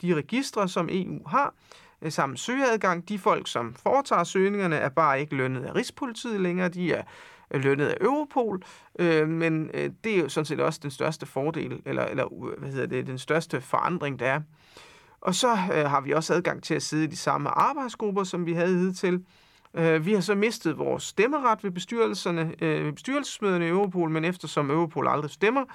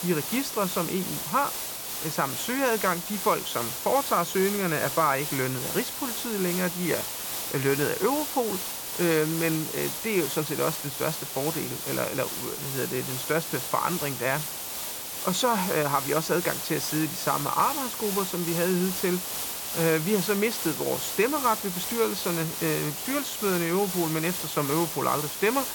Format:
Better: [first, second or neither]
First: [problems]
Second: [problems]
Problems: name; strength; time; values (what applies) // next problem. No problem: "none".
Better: first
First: none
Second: hiss; loud; throughout; 3 dB below the speech